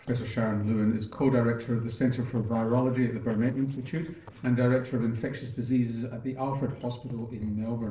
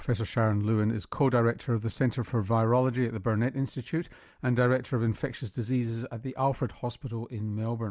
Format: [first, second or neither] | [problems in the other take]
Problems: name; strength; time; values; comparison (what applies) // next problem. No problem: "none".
second | noise reduction (neural separator model SepFormer DNS4)